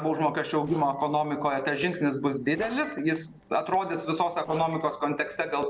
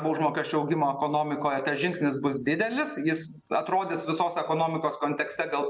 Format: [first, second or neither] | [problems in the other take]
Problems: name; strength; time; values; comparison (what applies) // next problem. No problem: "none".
second | noise reduction (neural separator model SepFormer DNS4)